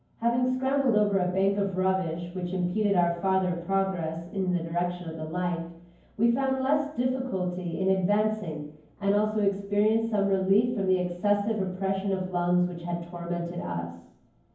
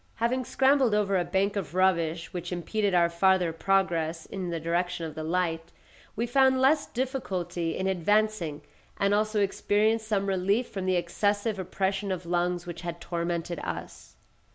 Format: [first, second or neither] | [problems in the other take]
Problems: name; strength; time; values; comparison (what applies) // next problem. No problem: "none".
second | room echo; dies away in 0.9 s